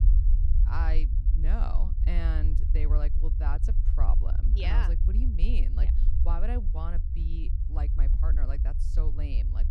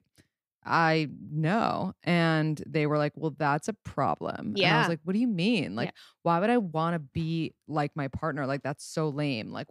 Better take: second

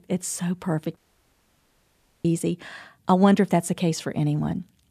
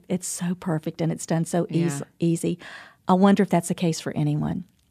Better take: second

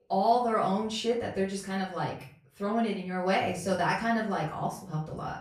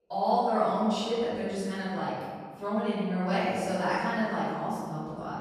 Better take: first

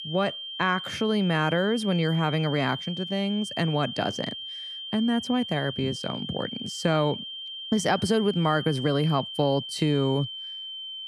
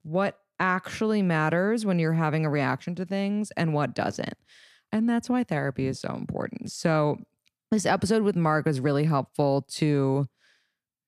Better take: second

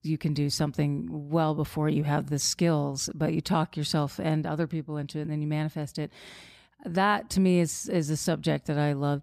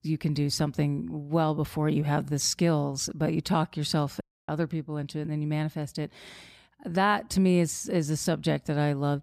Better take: first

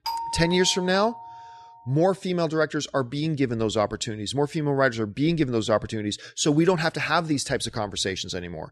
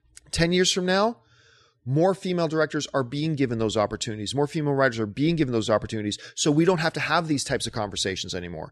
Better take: second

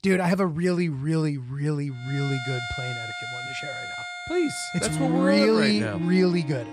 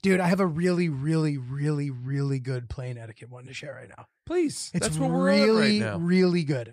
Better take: second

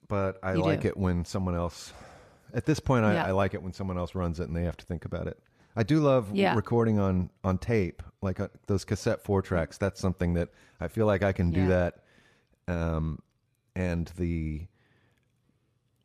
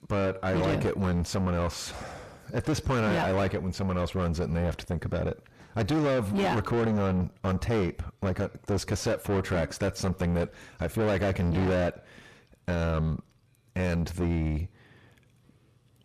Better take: first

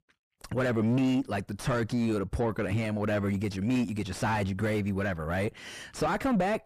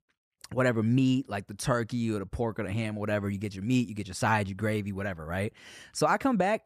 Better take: second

